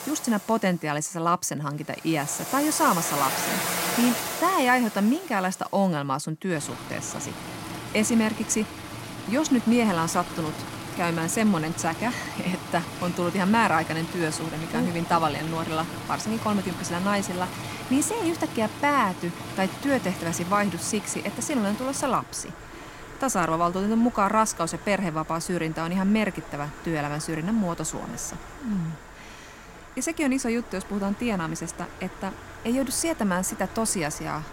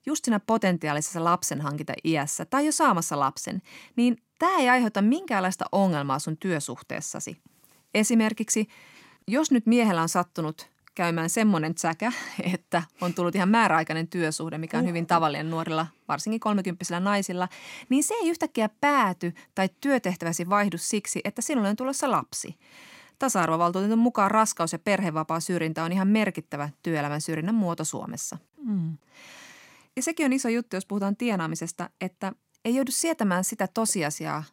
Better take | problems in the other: second | rain or running water; loud; throughout; 9 dB below the speech

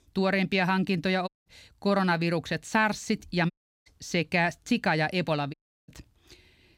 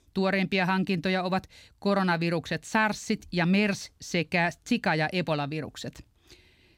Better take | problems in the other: second | audio cutting out; at 1.5 s, at 3.5 s and at 5.5 s

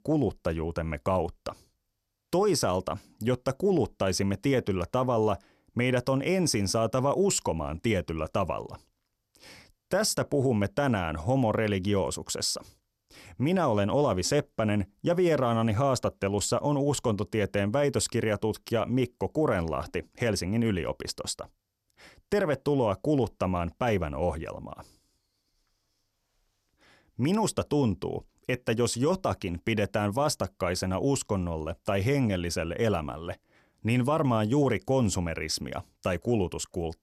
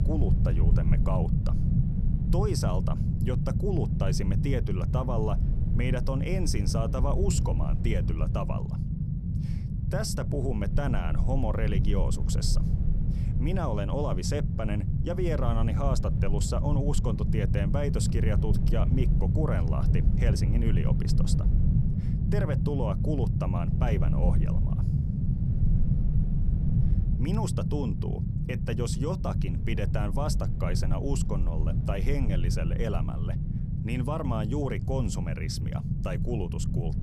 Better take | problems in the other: first | low rumble; loud; throughout; 5 dB below the speech

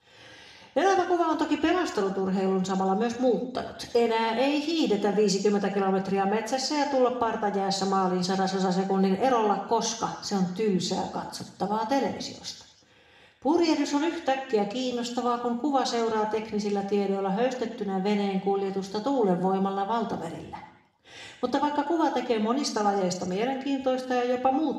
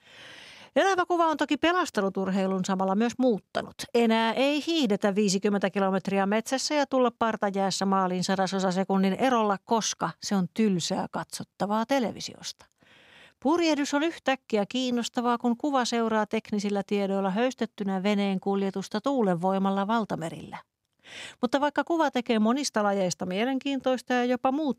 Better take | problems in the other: second | room echo; slight; dies away in 0.8 s // off-mic speech; somewhat distant

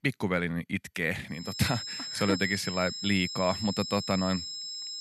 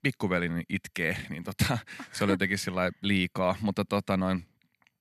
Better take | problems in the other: second | high-pitched whine; loud; from 1.5 s on; 5 kHz, 5 dB below the speech

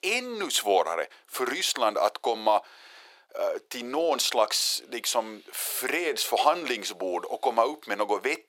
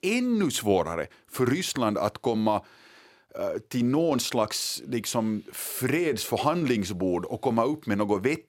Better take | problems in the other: second | thin; very; fading below 500 Hz

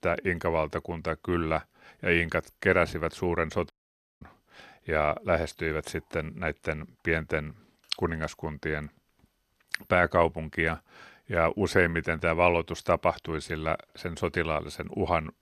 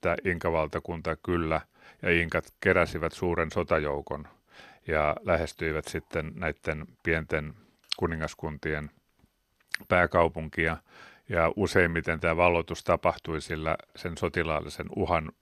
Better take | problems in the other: second | audio cutting out; at 3.5 s for 0.5 s

